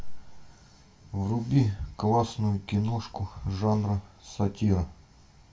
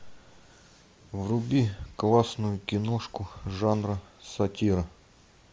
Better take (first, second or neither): second